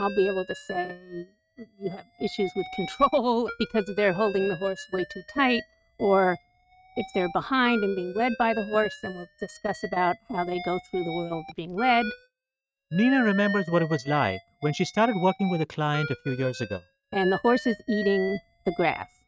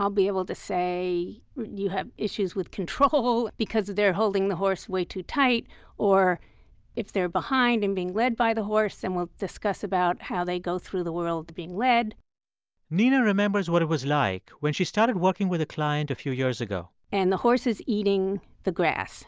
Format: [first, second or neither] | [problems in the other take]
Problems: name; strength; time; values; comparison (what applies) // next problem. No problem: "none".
second | noise reduction (neural mask model RNNoise)